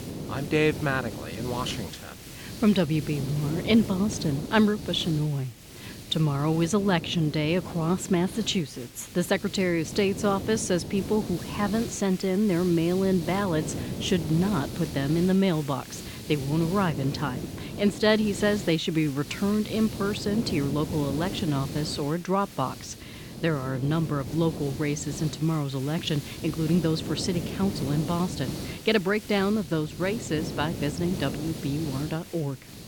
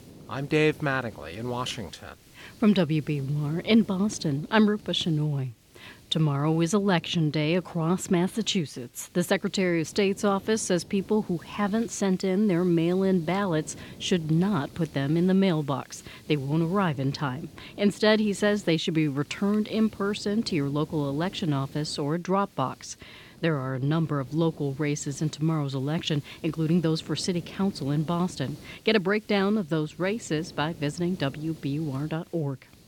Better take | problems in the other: second | hiss; loud; throughout; 10 dB below the speech; faint in the second

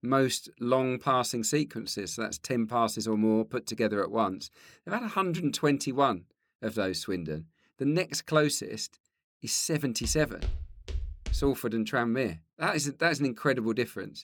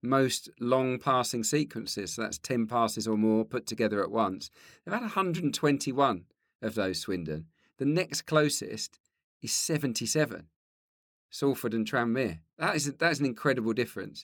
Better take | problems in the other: second | footsteps; noticeable; from 10 to 11 s; peak 7 dB below the speech

